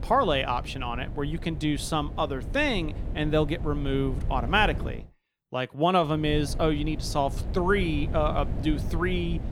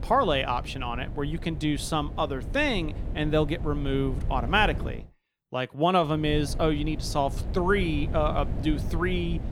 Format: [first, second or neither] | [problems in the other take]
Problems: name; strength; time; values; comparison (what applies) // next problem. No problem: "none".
neither | wind noise on the microphone; occasional gusts; until 5 s and from 6 s on; 15 dB below the speech; the same in both